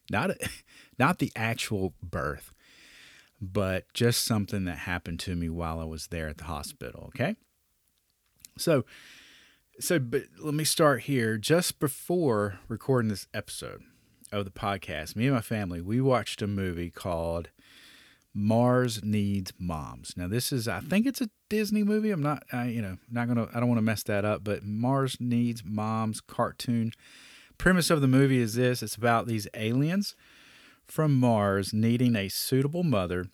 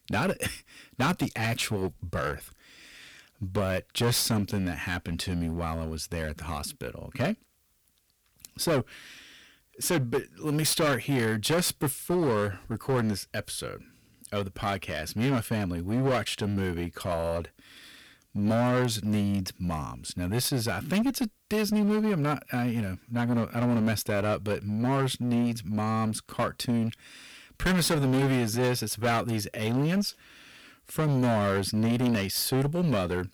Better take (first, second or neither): first